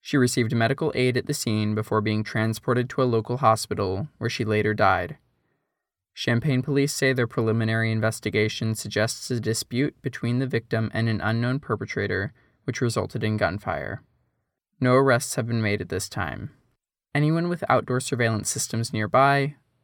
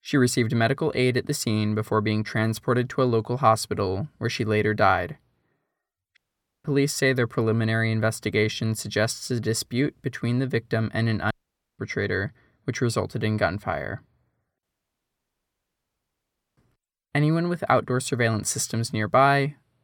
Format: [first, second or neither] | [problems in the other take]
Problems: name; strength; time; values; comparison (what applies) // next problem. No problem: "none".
first | audio cutting out; at 6 s, at 11 s and at 15 s for 2 s